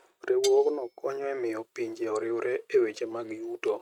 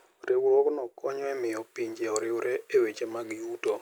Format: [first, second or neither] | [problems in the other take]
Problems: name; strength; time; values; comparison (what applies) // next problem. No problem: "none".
second | noise reduction (neural mask model RNNoise)